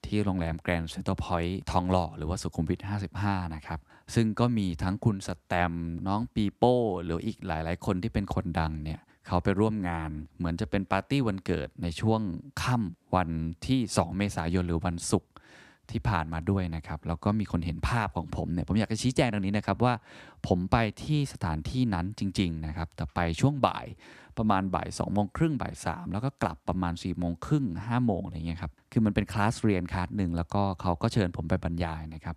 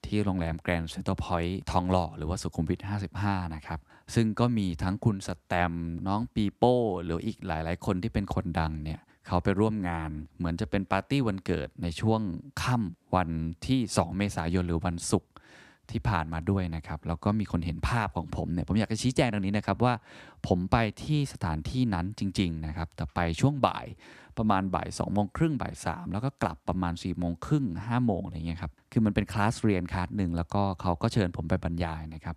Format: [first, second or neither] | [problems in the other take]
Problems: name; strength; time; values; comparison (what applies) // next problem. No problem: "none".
neither | none